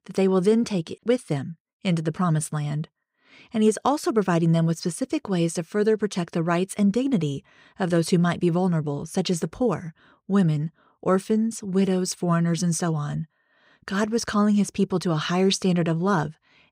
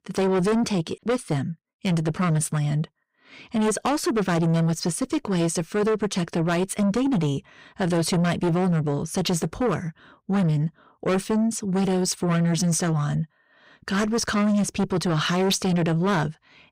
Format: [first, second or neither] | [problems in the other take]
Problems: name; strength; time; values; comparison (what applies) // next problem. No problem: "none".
first | distortion; heavy; 8 dB below the speech